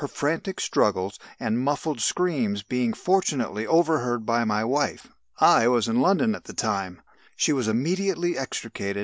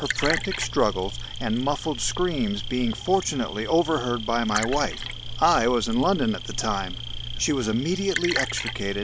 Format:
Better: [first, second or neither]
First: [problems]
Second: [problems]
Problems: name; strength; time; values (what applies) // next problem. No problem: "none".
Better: first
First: none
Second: background sound (Insect + Liquid); 6 dB below the speech